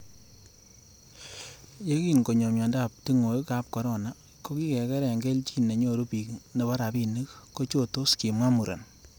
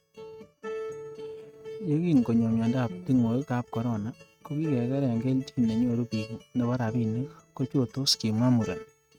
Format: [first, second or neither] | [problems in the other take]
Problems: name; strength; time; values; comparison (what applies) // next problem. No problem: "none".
first | noise reduction (neural mask model RNNoise)